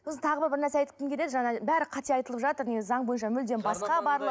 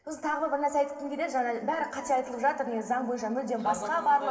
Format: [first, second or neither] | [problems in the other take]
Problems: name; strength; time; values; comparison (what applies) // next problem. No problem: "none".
first | room echo; dies away in 2.4 s